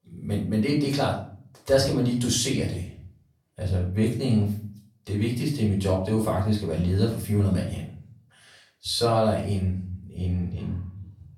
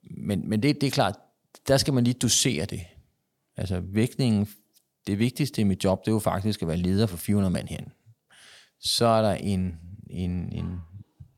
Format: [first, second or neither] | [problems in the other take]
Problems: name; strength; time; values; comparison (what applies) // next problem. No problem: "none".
second | off-mic speech; far // room echo; slight; dies away in 0.4 s